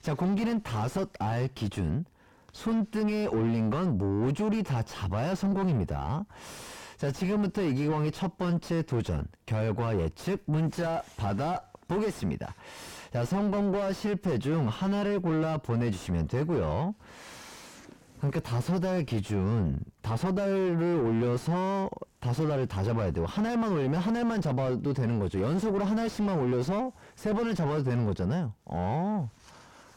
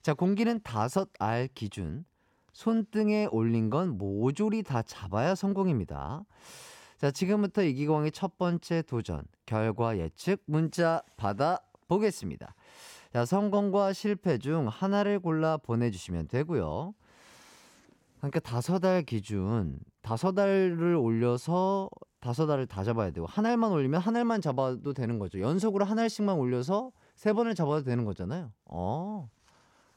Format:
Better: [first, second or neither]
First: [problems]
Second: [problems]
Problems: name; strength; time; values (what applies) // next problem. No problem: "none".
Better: second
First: distortion; heavy; 5 dB below the speech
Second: none